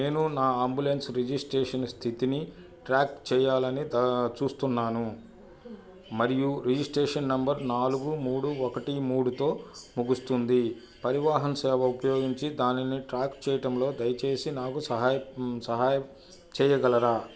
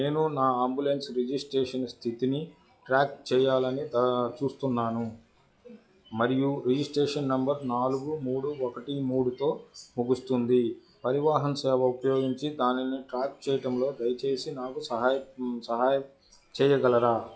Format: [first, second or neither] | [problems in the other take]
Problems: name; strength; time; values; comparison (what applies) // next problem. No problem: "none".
first | noise reduction (classical method log-MMSE)